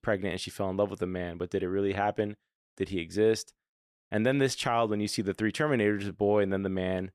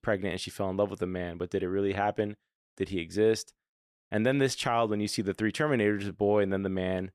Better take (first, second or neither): neither